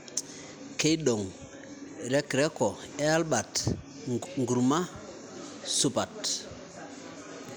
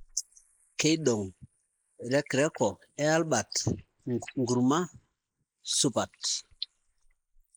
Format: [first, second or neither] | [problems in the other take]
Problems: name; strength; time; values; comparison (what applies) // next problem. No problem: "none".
first | noise reduction (neural mask model Resemble Enhance denoiser)